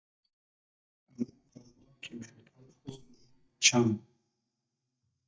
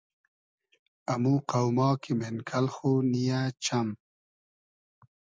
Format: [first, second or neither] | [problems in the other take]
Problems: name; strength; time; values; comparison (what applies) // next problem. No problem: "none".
second | noise reduction (neural mask model DeepFilterNet 3)